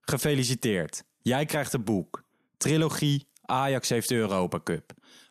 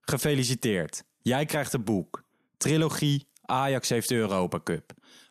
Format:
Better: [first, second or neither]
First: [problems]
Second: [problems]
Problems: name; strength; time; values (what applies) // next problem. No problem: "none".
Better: neither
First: none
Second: none